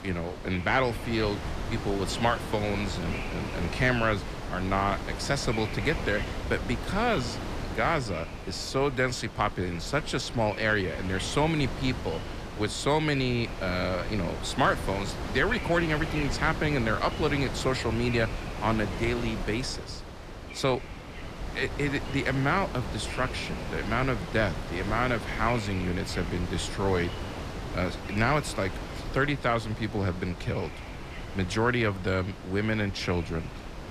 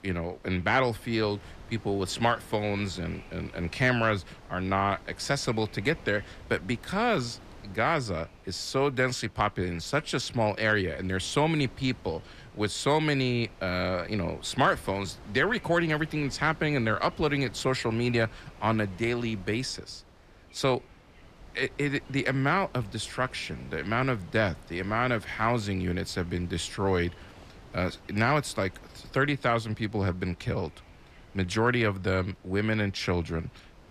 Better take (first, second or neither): second